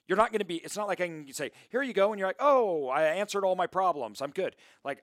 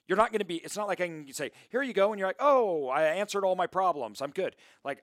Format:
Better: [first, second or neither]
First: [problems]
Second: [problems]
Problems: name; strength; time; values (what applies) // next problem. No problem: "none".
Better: neither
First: none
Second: none